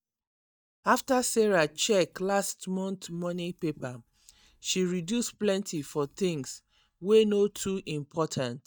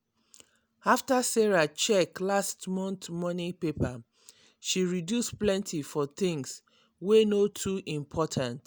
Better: second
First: noise reduction (neural mask model DeepFilterNet 3)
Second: none

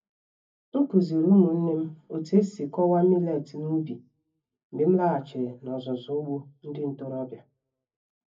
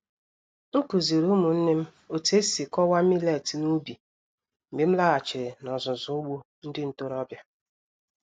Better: second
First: room echo; dies away in 0.3 s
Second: none

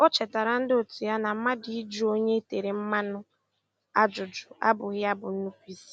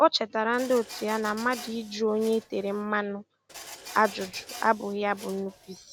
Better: first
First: none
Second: background sound (Printer); 17 dB below the speech

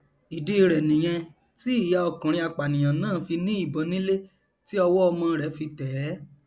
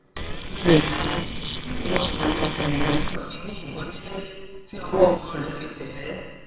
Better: first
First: none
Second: noise reduction (neural separator model SepFormer WHAMR!)

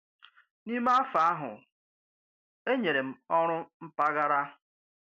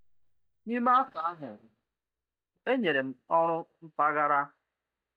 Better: first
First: none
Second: noise reduction (neural mask model DeepFilterNet 3)

